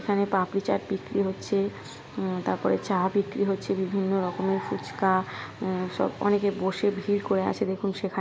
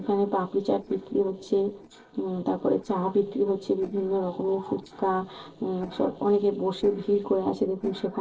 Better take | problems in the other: first | noise reduction (neural separator model SepFormer DNS4)

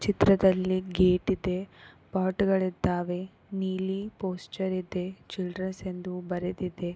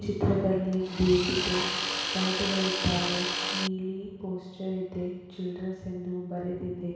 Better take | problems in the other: first | background sound (Tools); 1 dB below the speech // room echo; dies away in 1.1 s

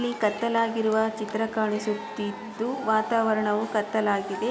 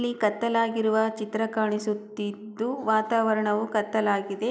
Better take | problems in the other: second | background sound (Crowd / Cheering); 12 dB below the speech

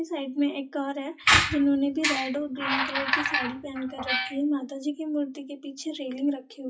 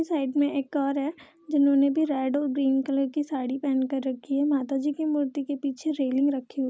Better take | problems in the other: second | noise reduction (classical method WPE with log-MMSE)

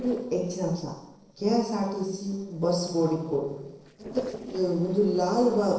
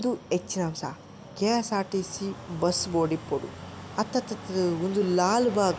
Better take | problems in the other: second | noise reduction (neural separator model SepFormer DNS4)

